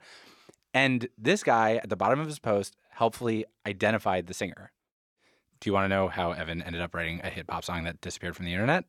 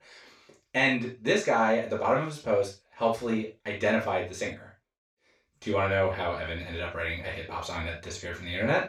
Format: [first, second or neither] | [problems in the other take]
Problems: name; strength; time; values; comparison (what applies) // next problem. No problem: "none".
first | room echo; noticeable; dies away in 0.2 s // off-mic speech; far